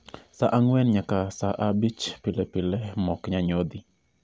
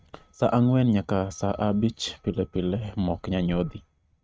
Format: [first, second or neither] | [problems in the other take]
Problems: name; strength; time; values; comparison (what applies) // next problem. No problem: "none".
first | noise reduction (neural mask model RNNoise)